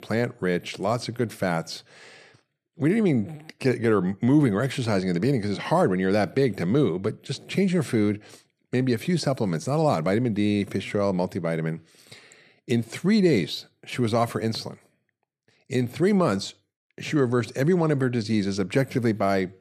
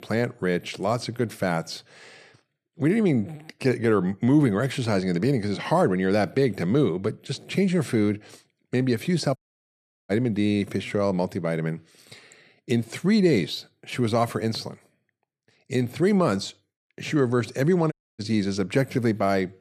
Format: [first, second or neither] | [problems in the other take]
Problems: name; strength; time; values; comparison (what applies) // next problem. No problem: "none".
first | audio cutting out; at 9.5 s for 0.5 s and at 18 s